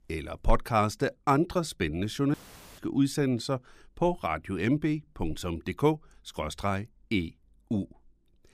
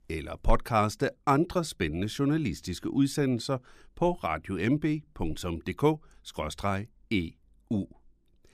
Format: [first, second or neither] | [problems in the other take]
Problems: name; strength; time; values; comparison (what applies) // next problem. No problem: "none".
second | audio cutting out; filled with static; at 2.5 s